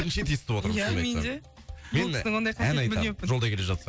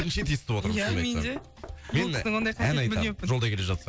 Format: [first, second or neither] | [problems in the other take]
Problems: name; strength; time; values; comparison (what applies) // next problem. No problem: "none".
first | background sound (Knock); 20 dB below the speech